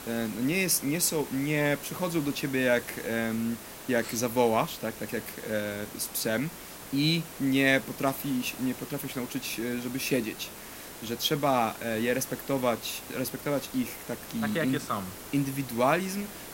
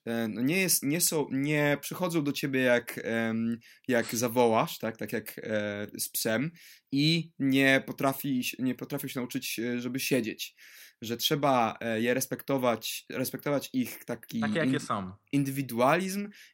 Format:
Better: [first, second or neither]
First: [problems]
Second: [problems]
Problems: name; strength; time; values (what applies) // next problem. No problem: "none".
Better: second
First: hiss; noticeable; throughout; 10 dB below the speech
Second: none